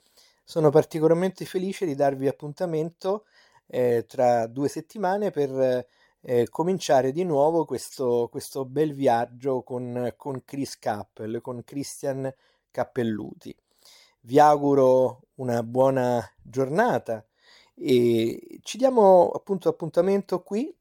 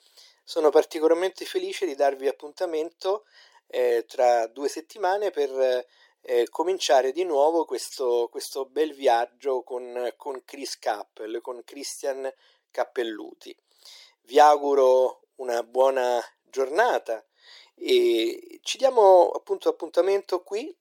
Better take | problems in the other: first | thin; very; fading below 350 Hz

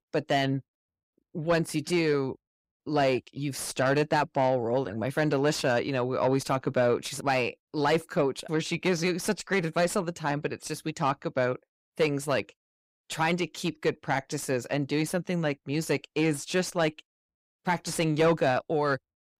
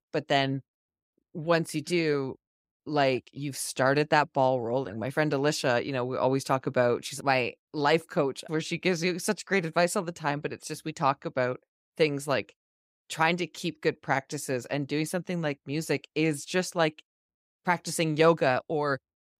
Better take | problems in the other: second | distortion; slight; 10 dB below the speech

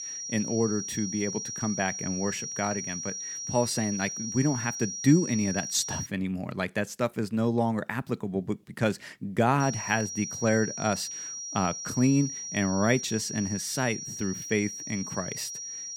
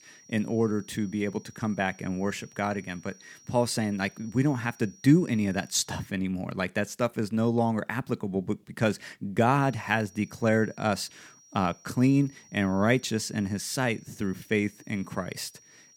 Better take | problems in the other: second | high-pitched whine; loud; until 6 s and from 9.5 s on; 5.5 kHz, 5 dB below the speech; faint in the second

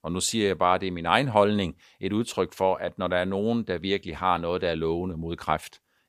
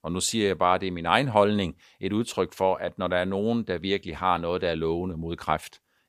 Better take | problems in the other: neither | none

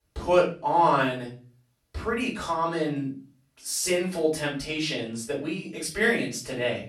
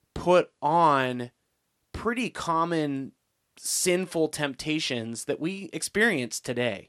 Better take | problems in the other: second | off-mic speech; far // room echo; slight; dies away in 0.3 s

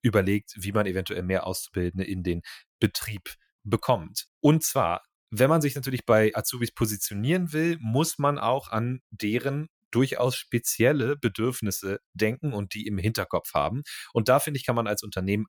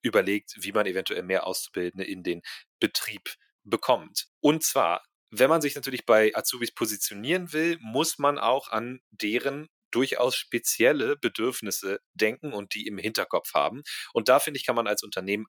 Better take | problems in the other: first | thin; somewhat; fading below 350 Hz

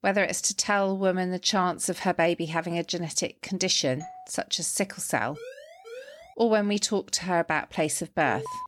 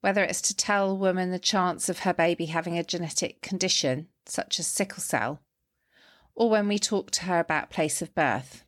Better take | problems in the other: second | doorbell; faint; at 4 s; peak 20 dB below the speech // siren; faint; from 5.5 to 6.5 s; peak 15 dB below the speech // alarm; noticeable; at 8.5 s; peak 10 dB below the speech

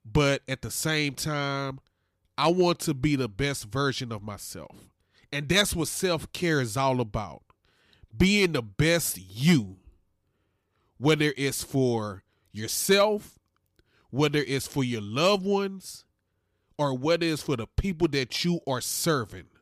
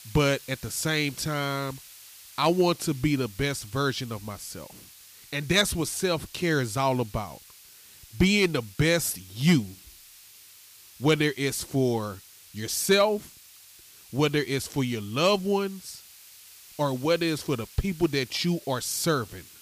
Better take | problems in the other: first | hiss; faint; throughout; 20 dB below the speech

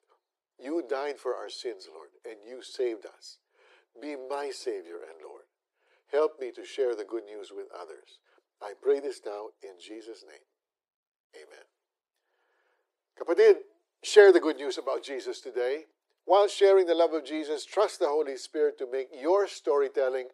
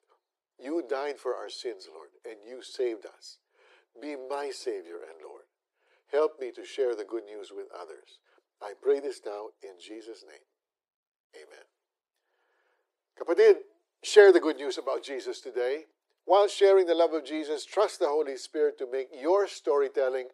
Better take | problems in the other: neither | thin; very; fading below 350 Hz; the same in both

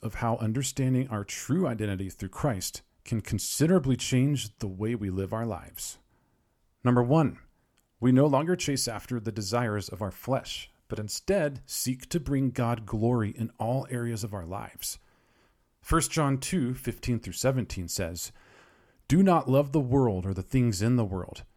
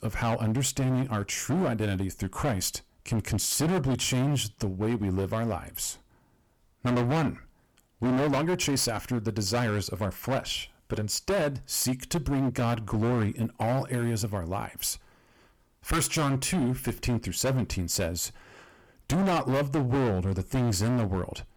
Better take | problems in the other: first | distortion; heavy; 18% of the sound clipped

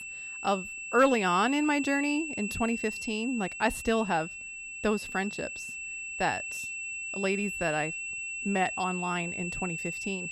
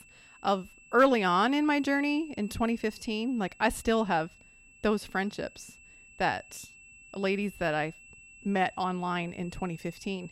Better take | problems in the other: second | high-pitched whine; loud; throughout; 2.5 kHz, 5 dB below the speech; faint in the second

